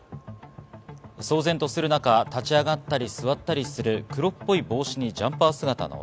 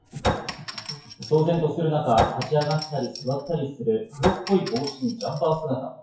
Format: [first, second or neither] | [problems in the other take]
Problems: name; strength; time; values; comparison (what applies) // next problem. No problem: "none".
first | noise reduction (classical method WPE with log-MMSE)